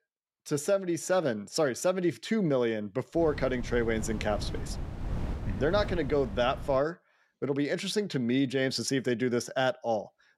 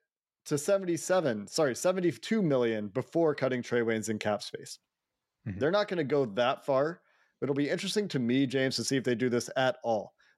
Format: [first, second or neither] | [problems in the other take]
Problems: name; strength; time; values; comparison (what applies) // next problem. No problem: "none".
second | wind noise on the microphone; occasional gusts; from 3 to 7 s; 15 dB below the speech